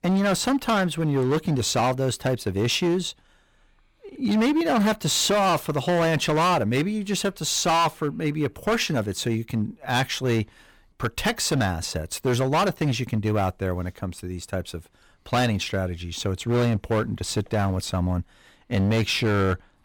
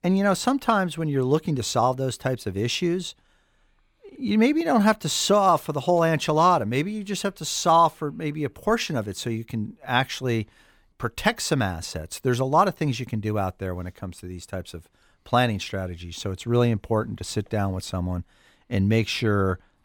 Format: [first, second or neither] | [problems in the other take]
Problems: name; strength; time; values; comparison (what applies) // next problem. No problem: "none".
second | distortion; heavy; 13% of the sound clipped